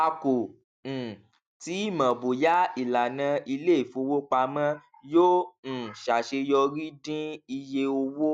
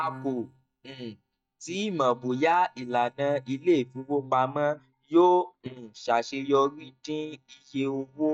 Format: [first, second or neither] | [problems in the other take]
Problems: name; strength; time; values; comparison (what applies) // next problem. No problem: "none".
first | noise reduction (neural mask model DeepFilterNet 3)